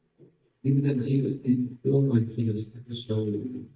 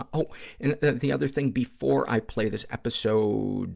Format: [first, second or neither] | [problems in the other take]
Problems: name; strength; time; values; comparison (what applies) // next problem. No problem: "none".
second | noise reduction (neural mask model DeepFilterNet 3)